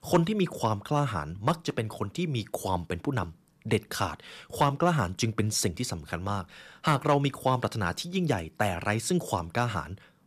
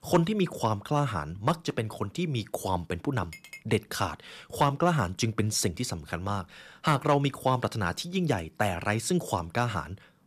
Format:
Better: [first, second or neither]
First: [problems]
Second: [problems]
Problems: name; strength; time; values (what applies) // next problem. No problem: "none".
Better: first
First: none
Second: clattering dishes; faint; at 3.5 s; peak 15 dB below the speech